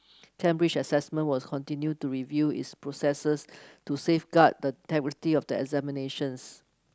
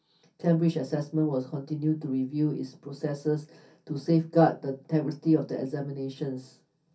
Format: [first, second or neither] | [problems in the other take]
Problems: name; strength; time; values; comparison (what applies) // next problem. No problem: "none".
first | room echo; dies away in 0.3 s